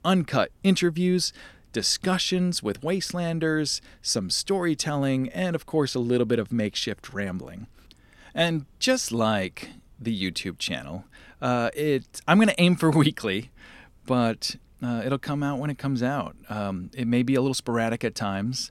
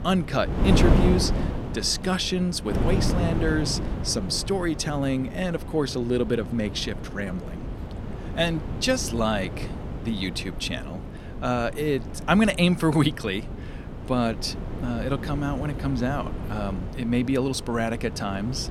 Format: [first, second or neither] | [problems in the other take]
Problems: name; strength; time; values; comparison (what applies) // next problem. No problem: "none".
first | wind noise on the microphone; heavy; 9 dB below the speech